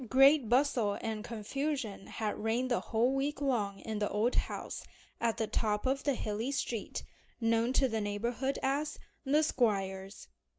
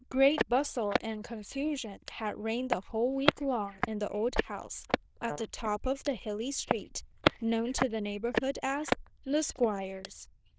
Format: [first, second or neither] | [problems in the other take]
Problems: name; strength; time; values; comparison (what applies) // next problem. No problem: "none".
first | noise reduction (neural diffusion model UNIVERSE++)